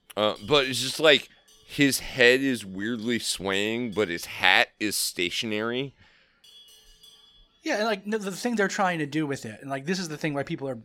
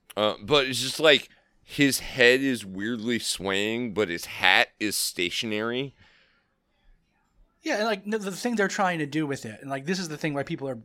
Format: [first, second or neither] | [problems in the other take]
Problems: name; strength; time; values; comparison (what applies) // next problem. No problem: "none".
second | animal sounds; faint; throughout; 30 dB below the speech